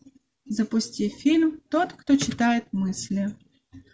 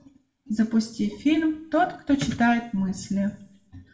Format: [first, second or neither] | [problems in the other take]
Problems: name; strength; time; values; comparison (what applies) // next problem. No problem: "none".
first | room echo; dies away in 0.5 s